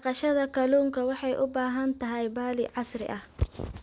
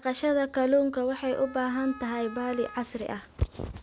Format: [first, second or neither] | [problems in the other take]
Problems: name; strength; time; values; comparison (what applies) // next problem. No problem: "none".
first | background sound (Wind instrument, woodwind instrument); 18 dB below the speech